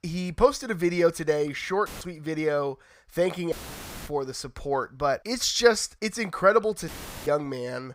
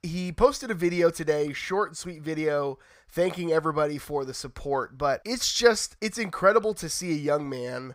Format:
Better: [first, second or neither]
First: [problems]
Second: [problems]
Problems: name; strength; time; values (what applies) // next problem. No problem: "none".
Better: second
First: audio cutting out; filled with static; at 2 s, at 3.5 s for 0.5 s and at 7 s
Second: none